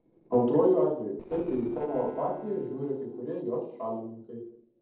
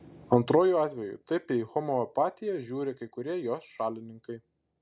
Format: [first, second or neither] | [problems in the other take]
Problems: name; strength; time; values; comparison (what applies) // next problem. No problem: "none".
second | noise reduction (neural separator model SepFormer DNS4)